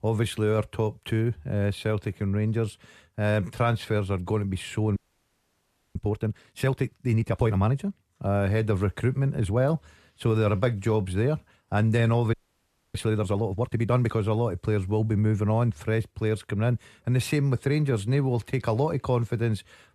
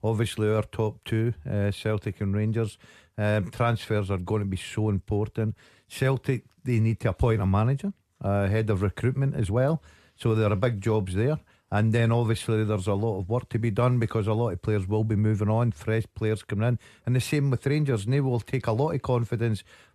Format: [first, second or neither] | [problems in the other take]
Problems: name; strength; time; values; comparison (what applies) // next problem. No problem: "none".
second | audio freezing; at 5 s for 1 s and at 12 s for 0.5 s